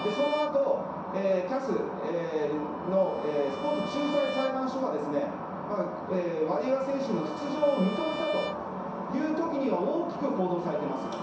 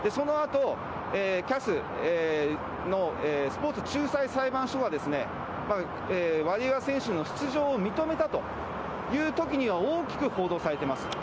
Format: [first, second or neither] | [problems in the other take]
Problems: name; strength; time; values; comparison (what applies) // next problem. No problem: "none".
second | background sound (Bowed string instrument); 13 dB below the speech // room echo; dies away in 0.7 s